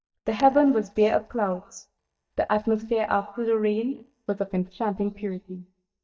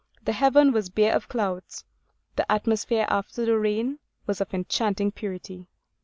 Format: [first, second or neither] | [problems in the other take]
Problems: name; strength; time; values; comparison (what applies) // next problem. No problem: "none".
second | noise reduction (neural mask model DeepFilterNet 3)